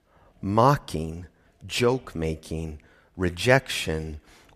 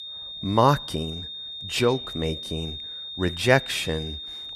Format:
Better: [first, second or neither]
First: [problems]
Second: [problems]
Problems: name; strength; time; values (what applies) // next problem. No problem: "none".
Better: first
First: none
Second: high-pitched whine; loud; throughout; 3.5 kHz, 9 dB below the speech